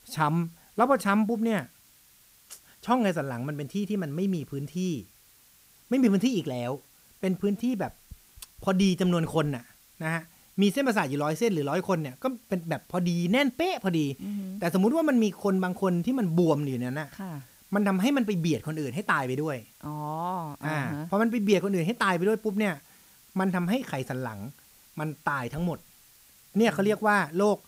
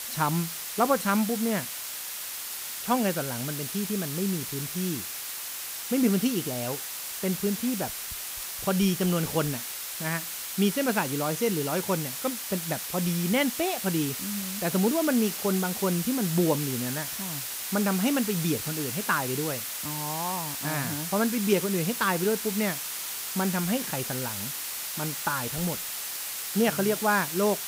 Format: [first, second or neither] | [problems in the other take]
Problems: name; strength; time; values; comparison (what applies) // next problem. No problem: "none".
first | hiss; loud; throughout; 3 dB below the speech; faint in the first